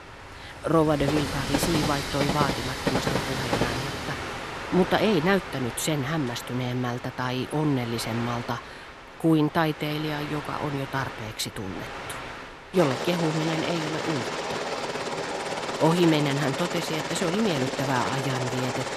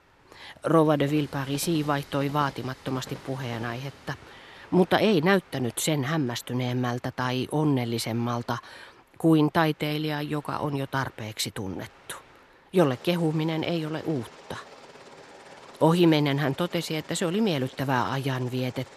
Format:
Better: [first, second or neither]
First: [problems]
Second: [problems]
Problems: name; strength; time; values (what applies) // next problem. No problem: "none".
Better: second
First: train or aircraft noise; loud; throughout; 4 dB below the speech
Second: train or aircraft noise; faint; throughout; 20 dB below the speech